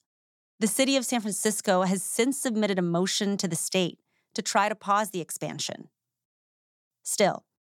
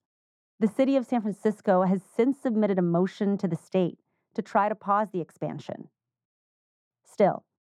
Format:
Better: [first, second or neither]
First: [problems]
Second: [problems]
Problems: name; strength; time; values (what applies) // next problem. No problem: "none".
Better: first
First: none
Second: muffled; very; fading above 2.5 kHz